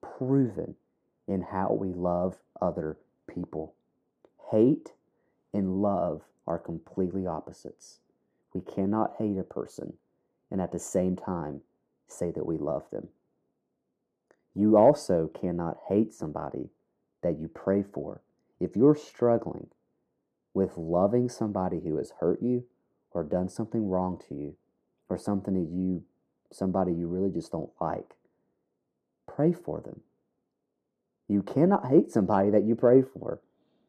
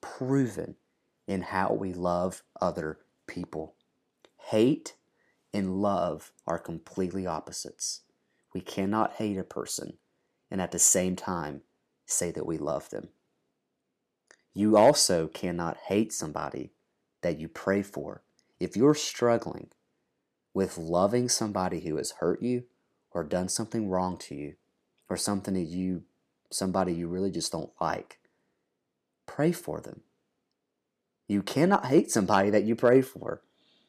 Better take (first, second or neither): second